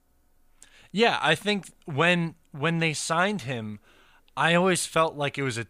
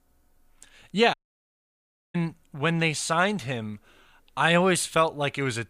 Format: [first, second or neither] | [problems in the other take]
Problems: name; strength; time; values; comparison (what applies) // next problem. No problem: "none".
first | audio cutting out; at 1 s for 1 s